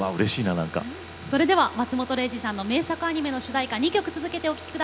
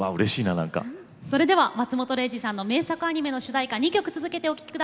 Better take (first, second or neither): second